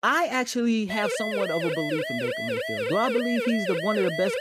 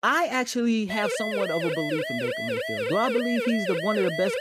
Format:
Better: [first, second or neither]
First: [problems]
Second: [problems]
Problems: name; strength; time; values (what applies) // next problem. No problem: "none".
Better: neither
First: siren; noticeable; from 1 s on; peak 1 dB below the speech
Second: siren; noticeable; from 1 s on; peak 1 dB below the speech